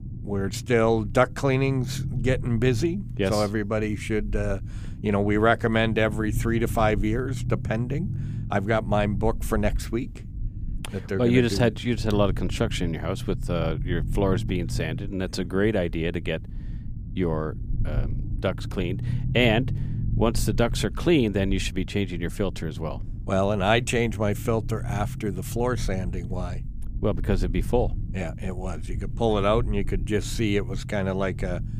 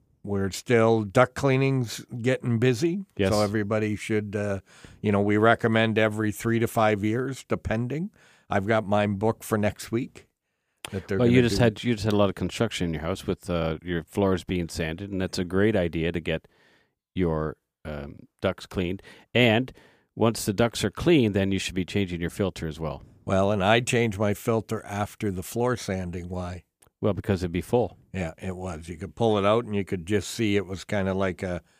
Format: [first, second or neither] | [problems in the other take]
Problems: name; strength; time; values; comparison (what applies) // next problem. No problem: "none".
second | low rumble; noticeable; throughout; 20 dB below the speech